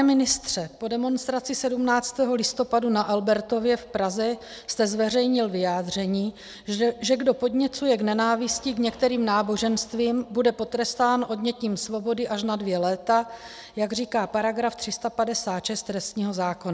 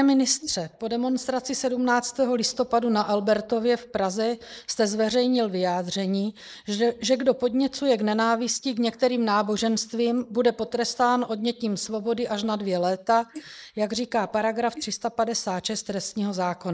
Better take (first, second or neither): first